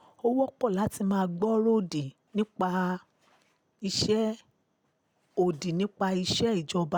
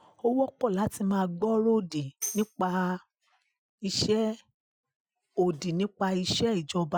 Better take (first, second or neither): first